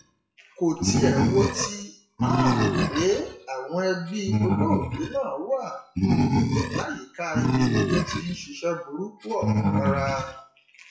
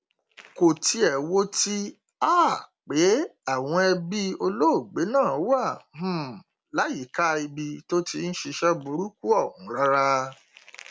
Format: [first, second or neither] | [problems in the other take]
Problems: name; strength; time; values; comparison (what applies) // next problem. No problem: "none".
second | noise reduction (classical method WPE with log-MMSE)